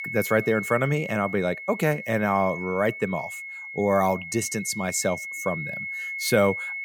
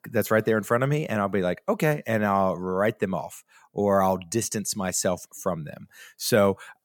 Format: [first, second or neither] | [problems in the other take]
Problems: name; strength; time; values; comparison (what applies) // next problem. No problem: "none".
second | high-pitched whine; loud; throughout; 2 kHz, 8 dB below the speech